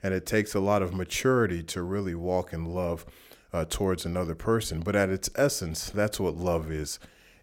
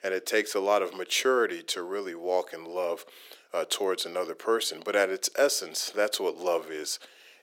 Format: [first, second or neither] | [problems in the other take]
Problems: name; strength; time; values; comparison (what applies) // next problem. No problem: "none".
first | thin; very; fading below 350 Hz